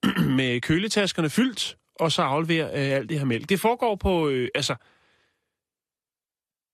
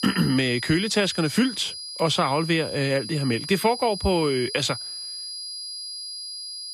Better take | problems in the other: first | high-pitched whine; loud; throughout; 5 kHz, 9 dB below the speech

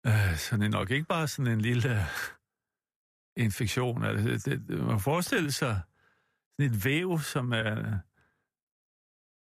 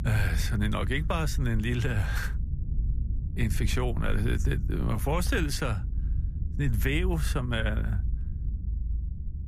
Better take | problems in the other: first | low rumble; noticeable; throughout; 15 dB below the speech

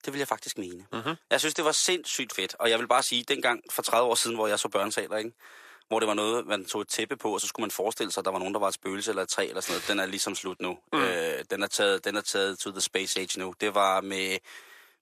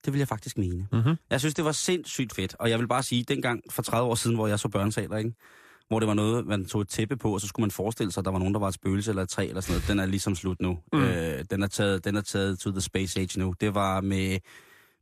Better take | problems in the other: second | thin; very; fading below 550 Hz

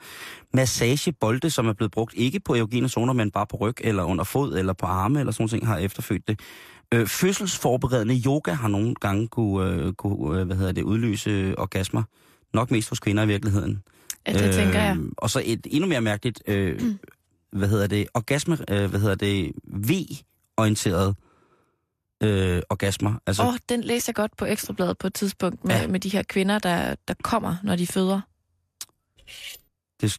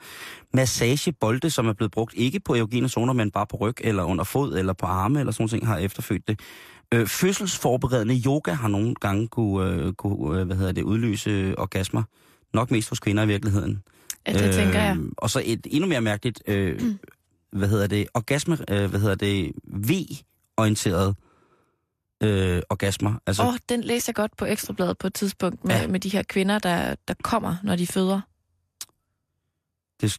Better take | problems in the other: second | clattering dishes; faint; at 29 s; peak 15 dB below the speech

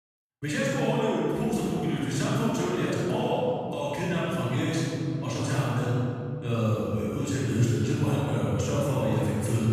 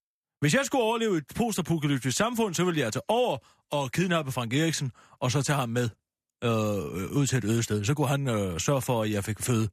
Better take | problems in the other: second | off-mic speech; far // room echo; strong; dies away in 3 s

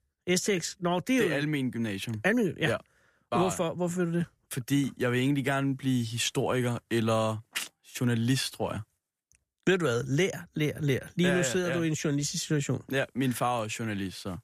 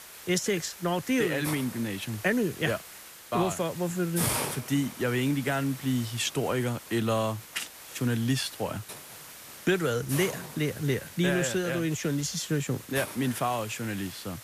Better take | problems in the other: first | hiss; loud; throughout; 10 dB below the speech

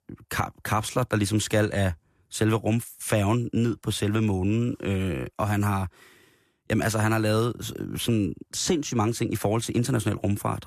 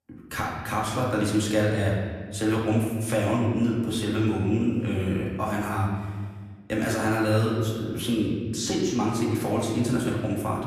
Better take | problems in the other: first | room echo; noticeable; dies away in 1.5 s // off-mic speech; far

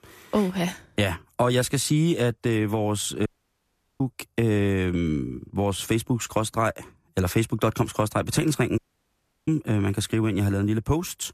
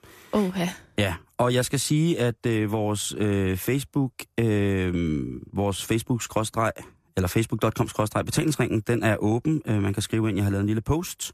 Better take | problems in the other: second | audio cutting out; at 3.5 s for 0.5 s and at 9 s for 0.5 s

